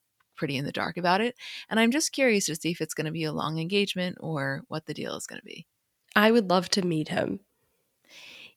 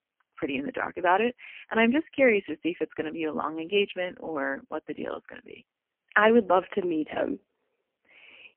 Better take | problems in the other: first | phone-call audio; poor line; nothing above 3 kHz

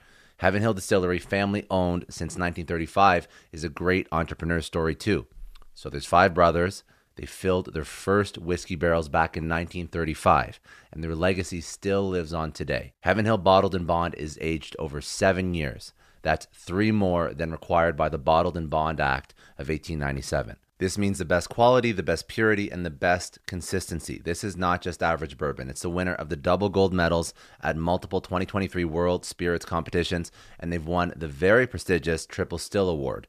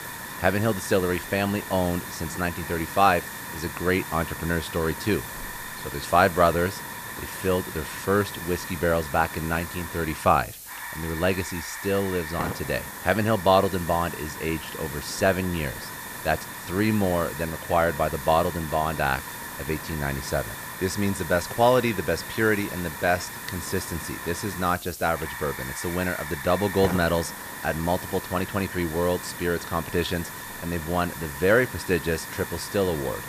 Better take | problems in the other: first | hiss; loud; throughout; 9 dB below the speech

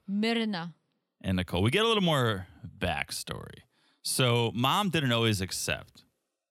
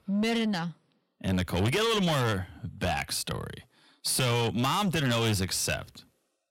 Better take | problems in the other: first | distortion; heavy; 8 dB below the speech

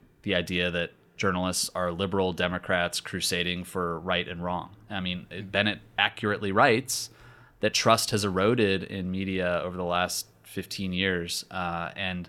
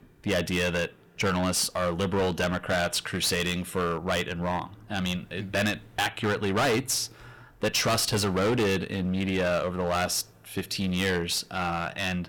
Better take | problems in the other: first | distortion; heavy; 12% of the sound clipped

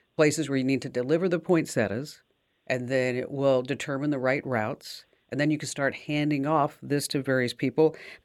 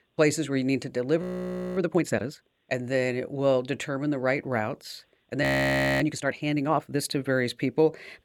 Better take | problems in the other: first | audio freezing; at 1 s for 0.5 s and at 5.5 s for 0.5 s

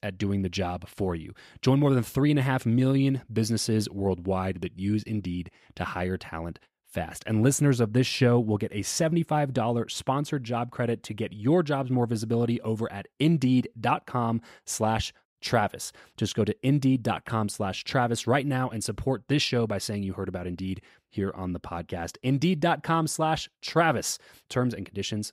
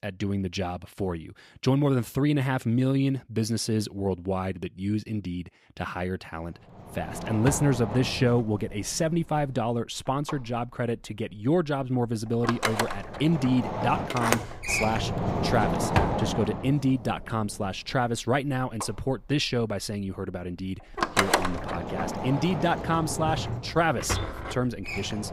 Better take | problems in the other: first | household noises; loud; from 7 s on; 3 dB below the speech

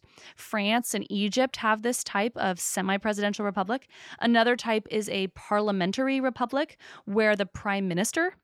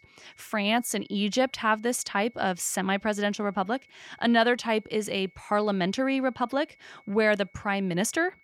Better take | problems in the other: first | high-pitched whine; faint; throughout; 2 kHz, 30 dB below the speech

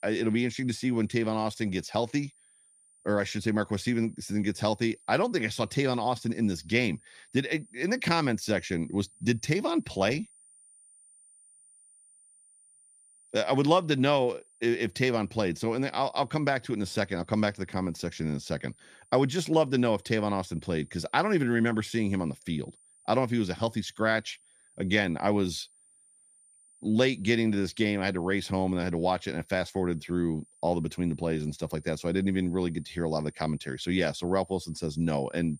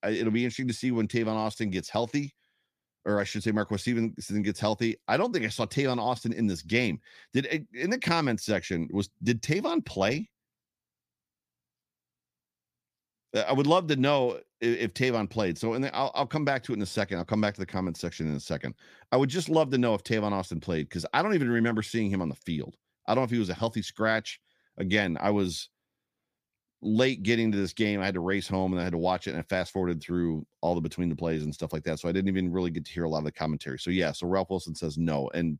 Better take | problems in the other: second | high-pitched whine; faint; throughout; 9 kHz, 30 dB below the speech

